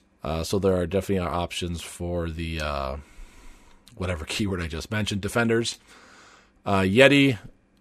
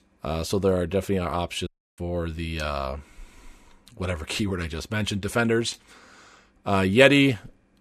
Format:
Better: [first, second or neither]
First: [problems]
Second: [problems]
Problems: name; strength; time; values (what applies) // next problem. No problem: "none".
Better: first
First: none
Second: audio cutting out; at 1.5 s